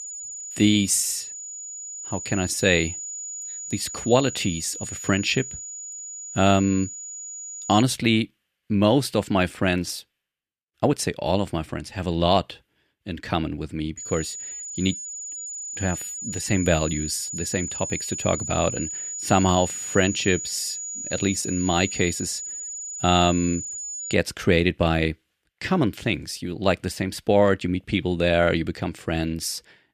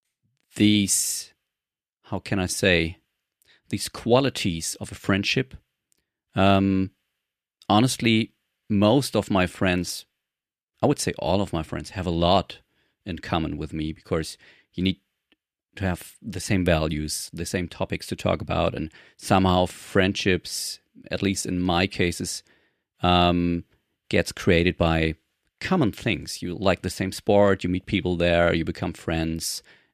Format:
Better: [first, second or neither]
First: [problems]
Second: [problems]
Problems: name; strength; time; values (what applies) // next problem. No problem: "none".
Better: second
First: high-pitched whine; loud; until 8 s and from 14 to 24 s; 7 kHz, 7 dB below the speech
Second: none